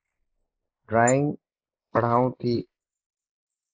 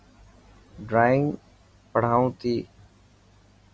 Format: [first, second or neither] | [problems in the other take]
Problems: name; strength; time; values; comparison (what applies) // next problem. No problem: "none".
second | noise reduction (neural mask model Resemble Enhance denoiser)